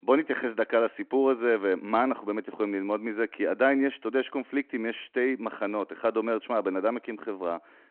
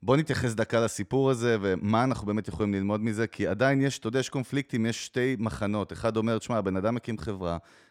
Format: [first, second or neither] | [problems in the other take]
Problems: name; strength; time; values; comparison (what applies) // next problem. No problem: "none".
second | phone-call audio